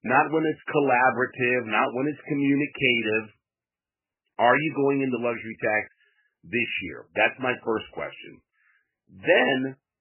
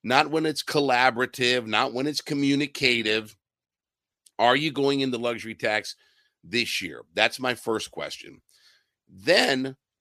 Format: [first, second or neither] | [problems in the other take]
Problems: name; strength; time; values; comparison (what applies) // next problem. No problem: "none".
second | garbled, watery; badly; nothing above 3 kHz